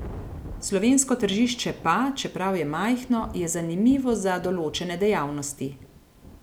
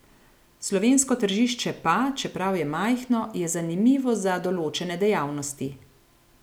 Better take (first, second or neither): second